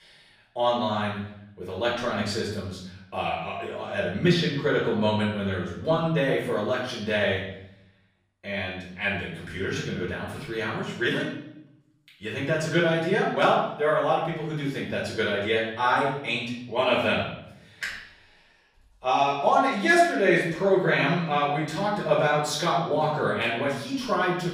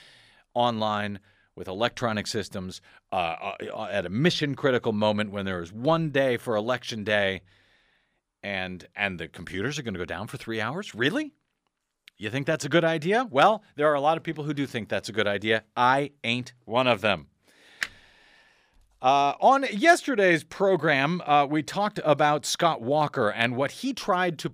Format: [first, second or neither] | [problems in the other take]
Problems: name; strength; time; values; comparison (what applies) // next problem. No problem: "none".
second | off-mic speech; far // room echo; noticeable; dies away in 0.7 s